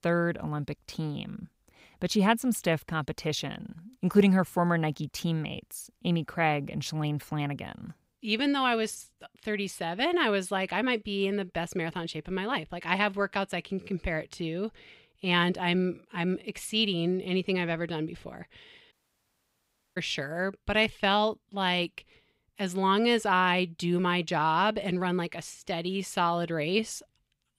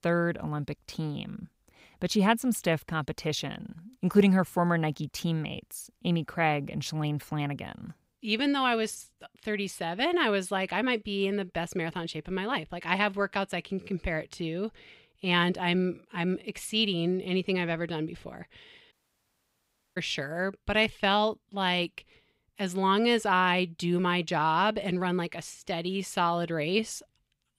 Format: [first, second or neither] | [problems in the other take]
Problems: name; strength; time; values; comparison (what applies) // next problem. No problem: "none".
neither | audio cutting out; at 19 s for 1 s; the same in both